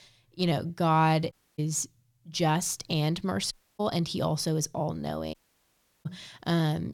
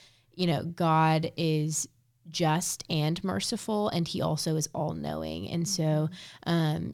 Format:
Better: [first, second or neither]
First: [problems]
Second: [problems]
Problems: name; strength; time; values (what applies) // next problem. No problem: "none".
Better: second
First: audio cutting out; at 1.5 s, at 3.5 s and at 5.5 s for 0.5 s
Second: none